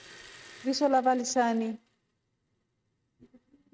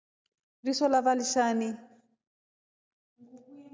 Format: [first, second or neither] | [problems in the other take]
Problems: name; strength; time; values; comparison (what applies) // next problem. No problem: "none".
second | noise reduction (neural mask model RNNoise)